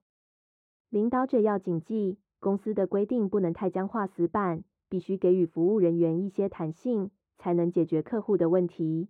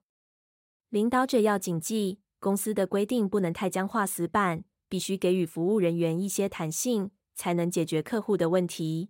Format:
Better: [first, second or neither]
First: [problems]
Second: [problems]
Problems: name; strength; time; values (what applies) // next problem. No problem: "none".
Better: second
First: muffled; very; fading above 3.5 kHz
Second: none